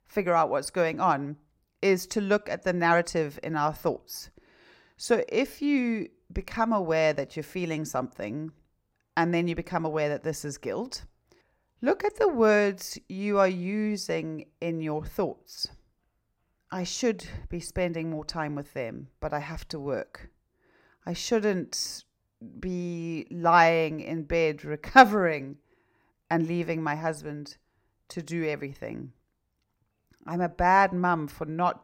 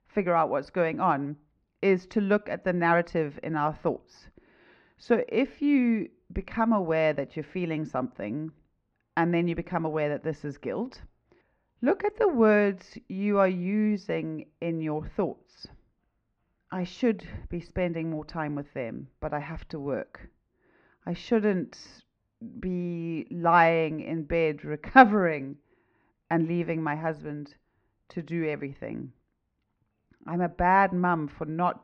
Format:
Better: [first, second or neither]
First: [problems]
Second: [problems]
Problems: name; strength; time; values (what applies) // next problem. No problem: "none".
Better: first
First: none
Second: muffled; slightly; fading above 3 kHz